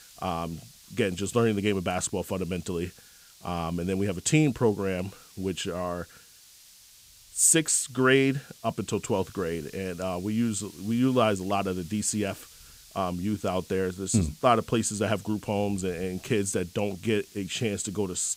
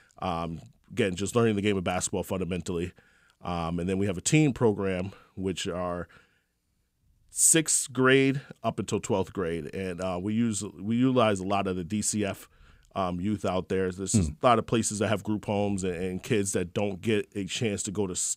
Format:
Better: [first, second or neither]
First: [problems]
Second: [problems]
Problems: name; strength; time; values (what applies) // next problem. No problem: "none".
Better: second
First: hiss; faint; throughout; 20 dB below the speech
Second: none